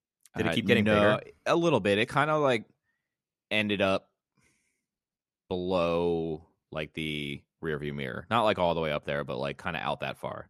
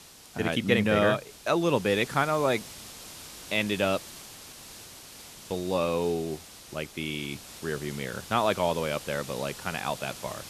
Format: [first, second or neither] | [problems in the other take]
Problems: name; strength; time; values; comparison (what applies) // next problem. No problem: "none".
first | hiss; noticeable; throughout; 15 dB below the speech